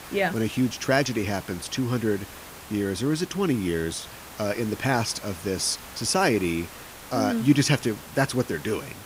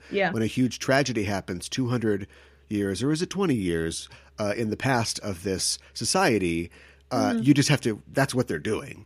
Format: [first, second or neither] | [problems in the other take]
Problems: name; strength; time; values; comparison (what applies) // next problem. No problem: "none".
second | hiss; noticeable; throughout; 15 dB below the speech